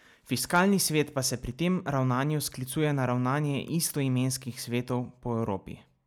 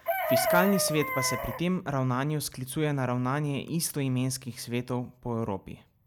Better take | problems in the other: first | background sound (Chicken, rooster); 5 dB below the speech

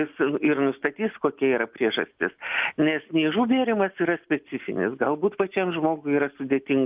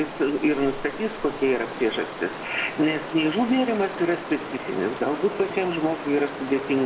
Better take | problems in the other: first | background sound (Stream); 10 dB below the speech // room echo; dies away in 0.9 s

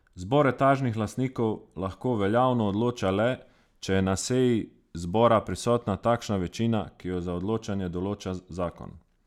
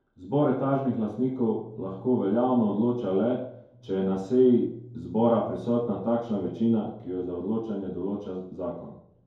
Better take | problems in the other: first | room echo; dies away in 2.3 s

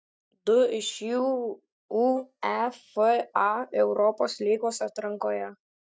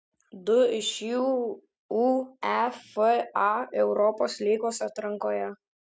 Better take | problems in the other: second | noise reduction (neural mask model DeepFilterNet 3)

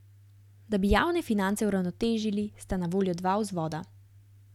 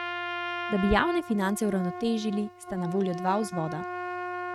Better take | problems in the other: first | noise reduction (neural mask model RNNoise)

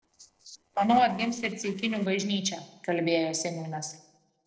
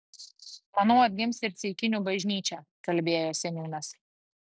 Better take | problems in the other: second | noise reduction (neural separator model SepFormer DNS4)

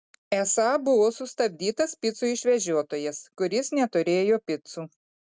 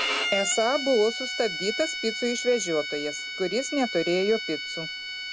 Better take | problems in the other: first | background sound (Bowed string instrument); 5 dB below the speech

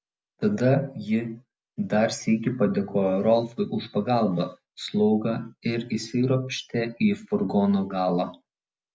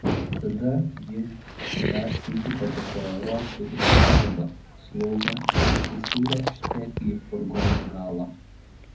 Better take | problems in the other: first | background sound (Dog); 4 dB above the speech // room echo; dies away in 0.4 s

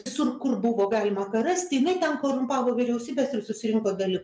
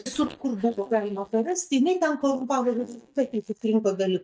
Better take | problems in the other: first | noise reduction (neural mask model DeepFilterNet 3)

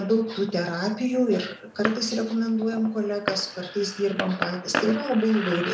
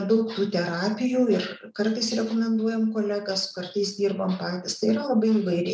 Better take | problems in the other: second | background sound (Fireworks); 9 dB below the speech

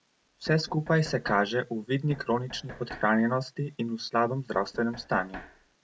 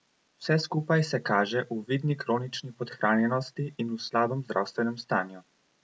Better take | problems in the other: second | background sound (Knock); 18 dB below the speech

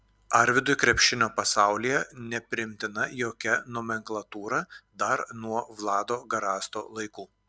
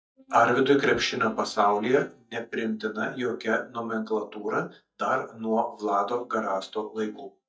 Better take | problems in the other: first | noise reduction (neural mask model DeepFilterNet 3)

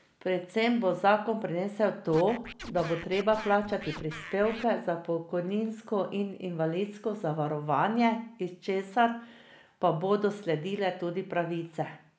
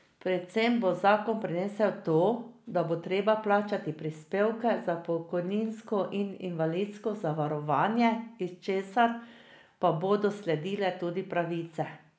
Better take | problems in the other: second | background sound (Scratching (performance technique)); 14 dB below the speech

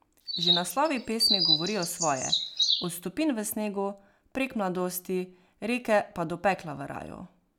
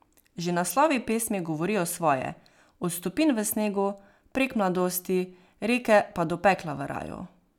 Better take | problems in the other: second | background sound (Chirp, tweet); 3 dB above the speech

